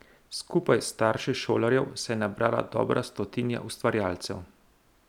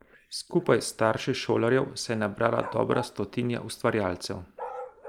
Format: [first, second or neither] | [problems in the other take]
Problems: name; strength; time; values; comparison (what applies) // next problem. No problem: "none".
first | noise reduction (neural mask model Resemble Enhance denoiser)